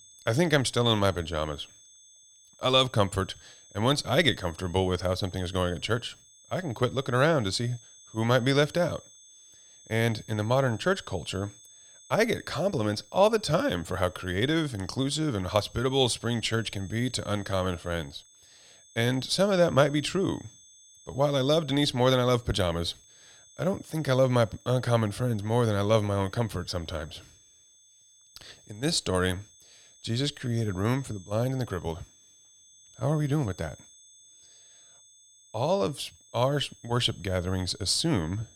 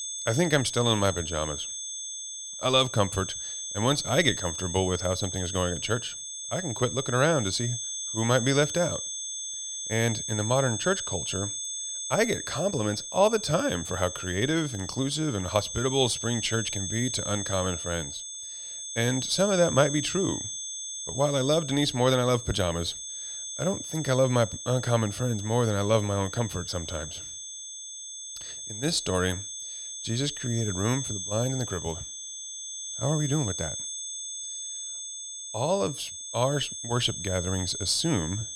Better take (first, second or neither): first